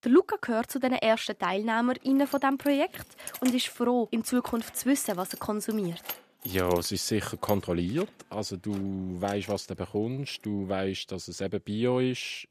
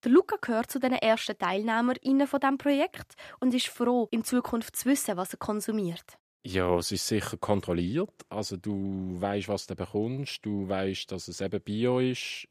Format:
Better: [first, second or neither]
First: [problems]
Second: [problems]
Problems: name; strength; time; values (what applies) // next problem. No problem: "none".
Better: second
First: jangling keys; noticeable; from 2 to 9.5 s; peak 8 dB below the speech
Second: none